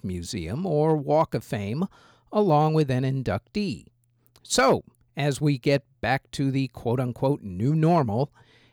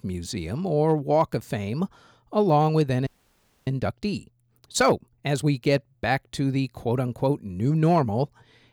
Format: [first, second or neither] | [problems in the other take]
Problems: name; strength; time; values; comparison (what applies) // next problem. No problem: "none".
first | audio freezing; at 3 s for 0.5 s